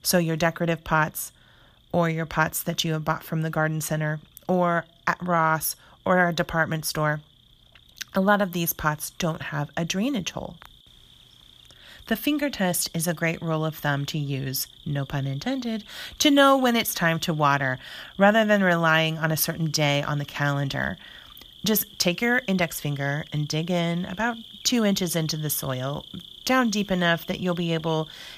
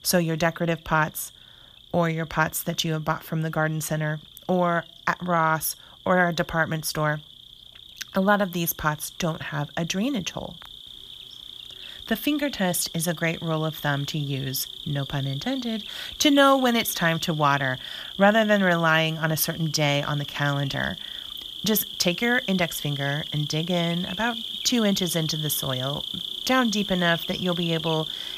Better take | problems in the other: first | animal sounds; loud; throughout; 9 dB below the speech; faint in the first

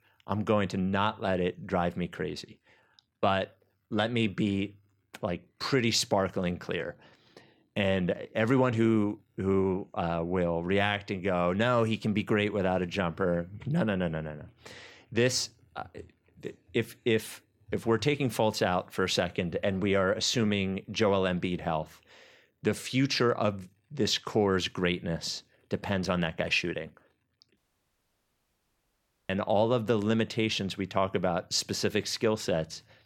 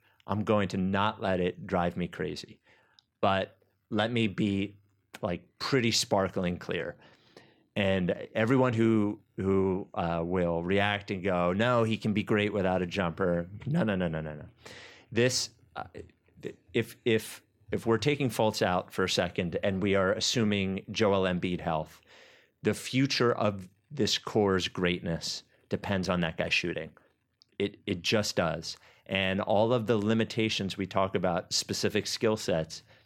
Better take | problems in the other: second | audio cutting out; at 28 s for 1.5 s

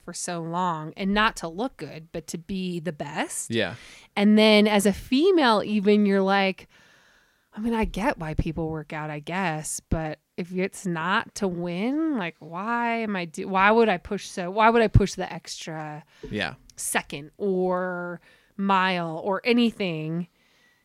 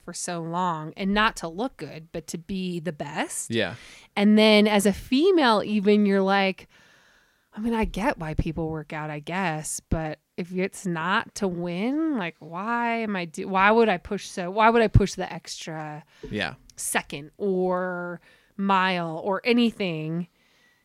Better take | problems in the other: neither | none

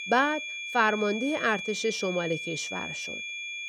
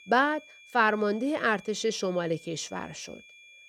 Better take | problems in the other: second | high-pitched whine; loud; throughout; 2.5 kHz, 6 dB below the speech; faint in the second

